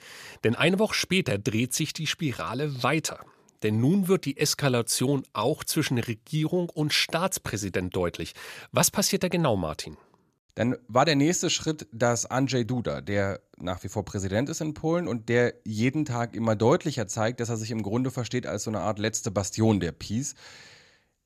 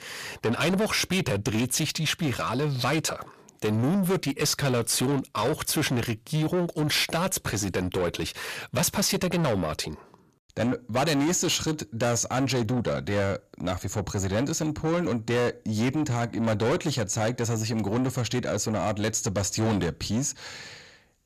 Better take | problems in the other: first | distortion; heavy; 7 dB below the speech

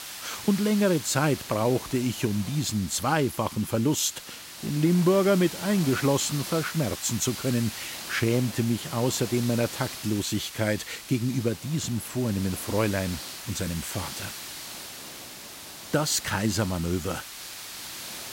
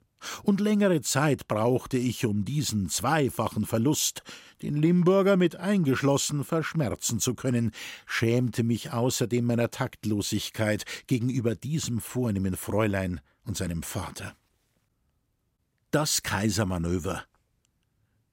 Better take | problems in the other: second | hiss; noticeable; throughout; 10 dB below the speech

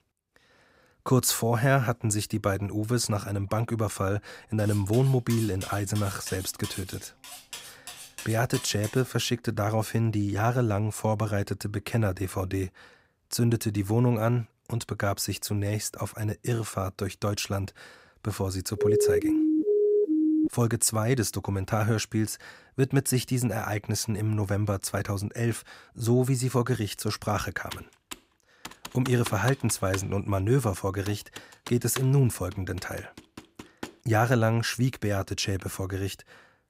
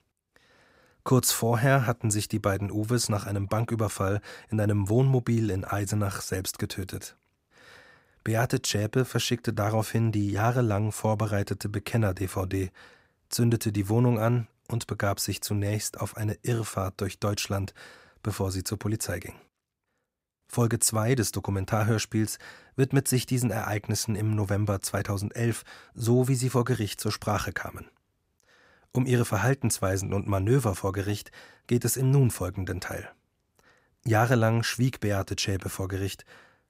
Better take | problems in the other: second | clattering dishes; faint; from 4.5 to 9 s; peak 10 dB below the speech // siren; loud; from 19 to 20 s; peak 5 dB above the speech // keyboard typing; noticeable; from 28 to 34 s; peak 9 dB below the speech

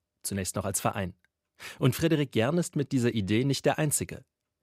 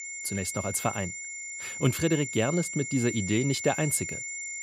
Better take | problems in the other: first | high-pitched whine; loud; throughout; 2 kHz, 6 dB below the speech

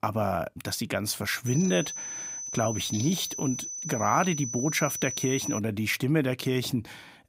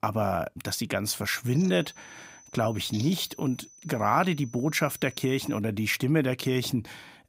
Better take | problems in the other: second | high-pitched whine; loud; from 1.5 to 5.5 s; 6 kHz, 5 dB below the speech; faint in the second

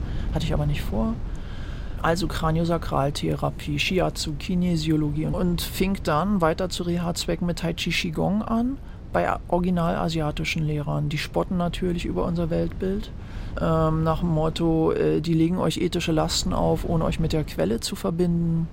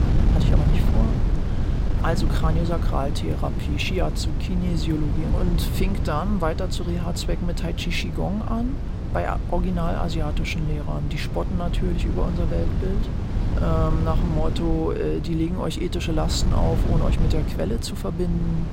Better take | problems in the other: first | wind noise on the microphone; heavy; 7 dB below the speech; occasional gusts in the first

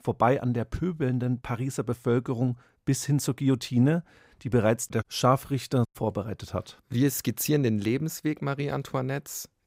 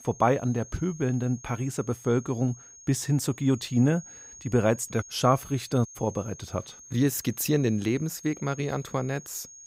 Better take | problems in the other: first | high-pitched whine; noticeable; throughout; 6.5 kHz, 20 dB below the speech

